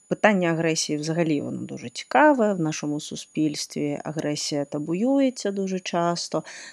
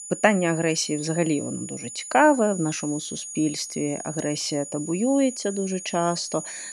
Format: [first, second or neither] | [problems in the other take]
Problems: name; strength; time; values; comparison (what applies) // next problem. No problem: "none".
first | high-pitched whine; loud; throughout; 7 kHz, 10 dB below the speech; faint in the first